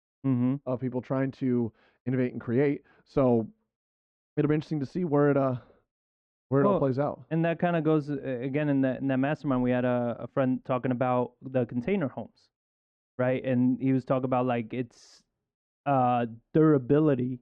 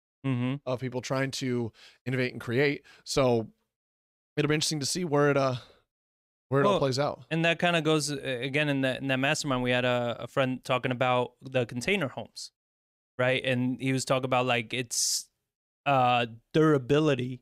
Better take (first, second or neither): second